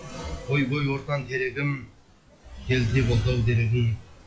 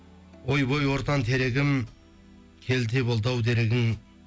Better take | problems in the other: second | noise reduction (classical method log-MMSE)

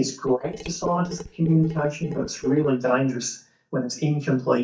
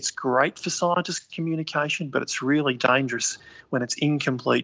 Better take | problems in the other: second | noise reduction (neural mask model DeepFilterNet 3)

